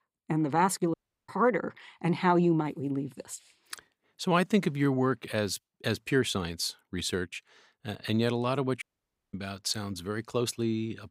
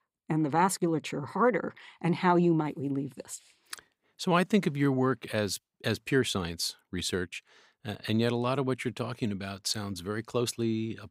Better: second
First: audio cutting out; at 1 s and at 9 s for 0.5 s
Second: none

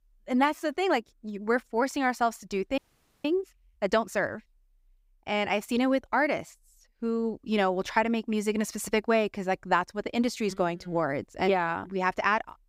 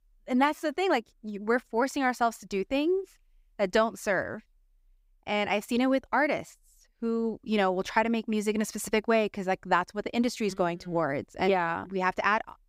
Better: second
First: audio freezing; at 3 s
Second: none

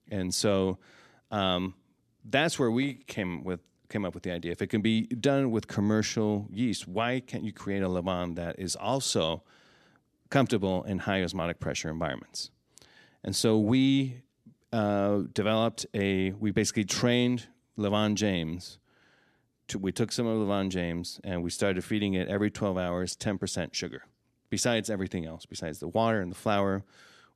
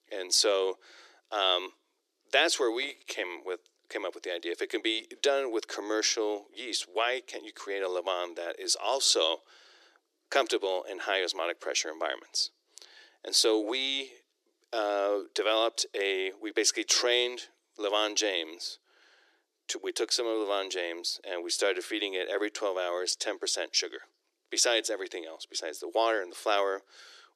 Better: first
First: none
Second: thin; very; fading below 350 Hz

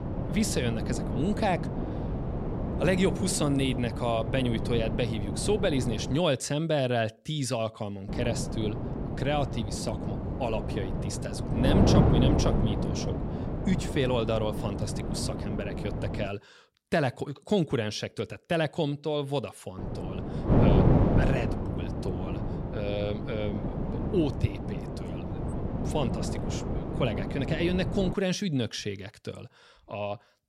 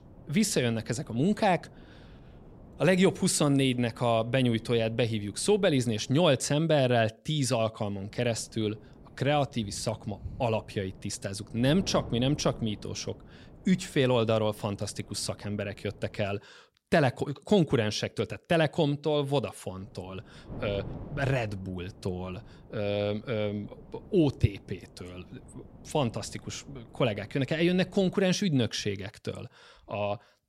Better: second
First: wind noise on the microphone; heavy; until 6 s, from 8 to 16 s and from 20 to 28 s; 4 dB below the speech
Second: wind noise on the microphone; occasional gusts; until 6 s, from 8 to 16 s and from 20 to 28 s; 25 dB below the speech

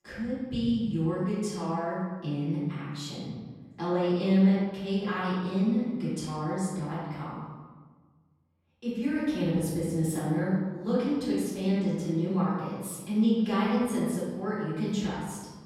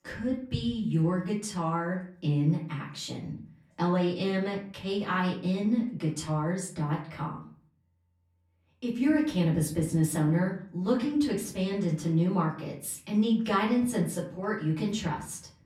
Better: second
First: room echo; strong; dies away in 1.3 s // off-mic speech; far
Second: room echo; slight; dies away in 0.5 s // off-mic speech; far

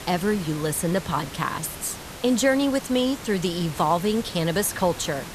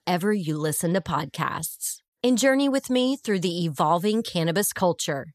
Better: second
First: hiss; noticeable; throughout; 15 dB below the speech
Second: none

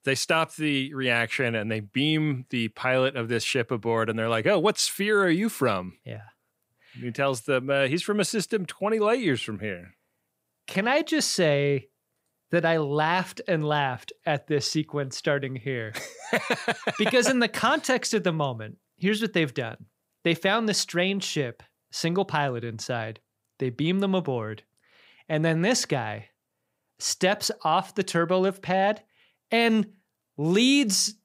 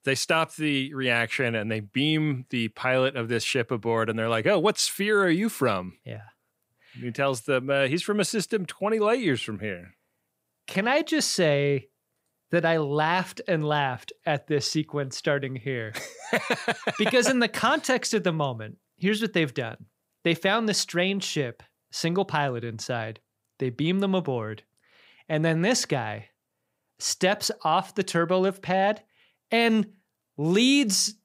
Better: neither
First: none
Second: none

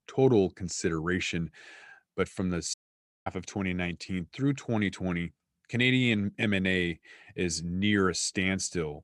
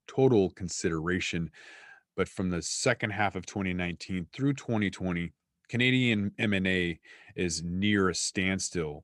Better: second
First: audio cutting out; at 2.5 s for 0.5 s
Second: none

